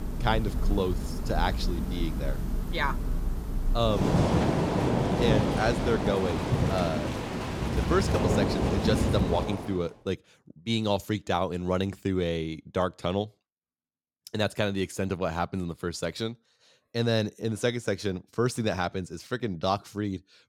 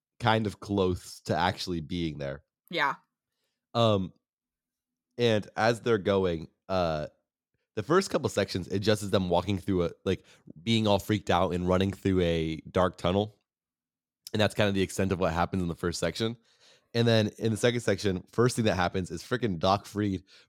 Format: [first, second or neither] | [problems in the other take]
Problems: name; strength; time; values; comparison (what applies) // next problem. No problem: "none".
second | rain or running water; very loud; until 9.5 s; 1 dB above the speech